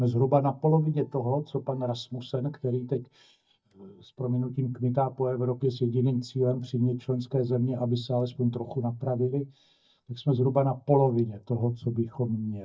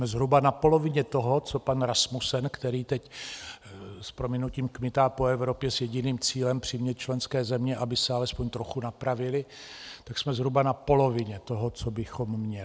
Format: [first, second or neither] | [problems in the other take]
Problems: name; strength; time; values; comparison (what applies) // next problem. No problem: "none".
second | noise reduction (neural mask model DeepFilterNet 3)